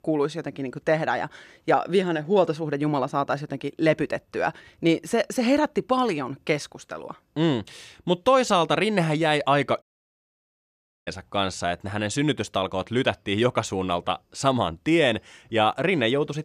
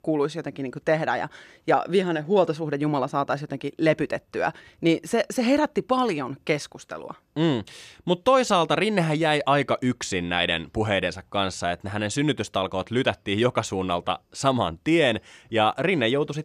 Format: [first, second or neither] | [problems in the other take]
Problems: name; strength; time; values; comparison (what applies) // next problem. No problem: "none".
second | audio cutting out; at 10 s for 1.5 s